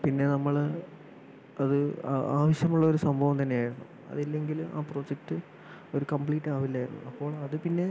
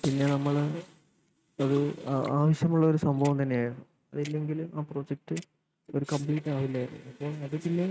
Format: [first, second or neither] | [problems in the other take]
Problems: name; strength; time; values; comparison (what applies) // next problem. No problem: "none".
first | noise reduction (neural mask model RNNoise)